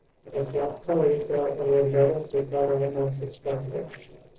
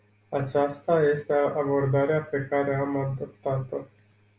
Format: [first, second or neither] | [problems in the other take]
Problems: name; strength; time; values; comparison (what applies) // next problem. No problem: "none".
second | noise reduction (neural separator model SepFormer DNS4)